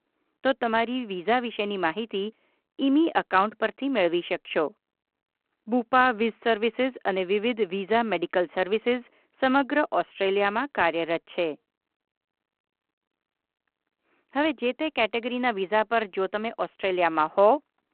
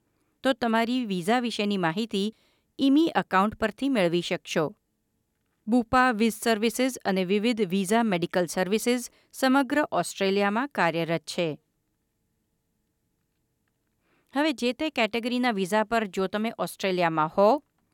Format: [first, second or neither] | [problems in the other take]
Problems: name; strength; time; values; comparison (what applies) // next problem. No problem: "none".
second | phone-call audio